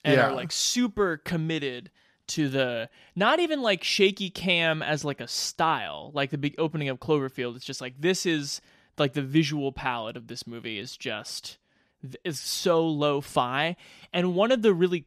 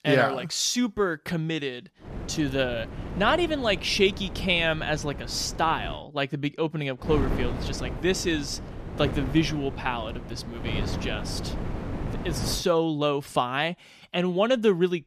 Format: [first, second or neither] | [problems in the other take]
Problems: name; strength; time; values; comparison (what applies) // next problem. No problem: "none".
first | wind noise on the microphone; occasional gusts; from 2 to 6 s and from 7 to 13 s; 15 dB below the speech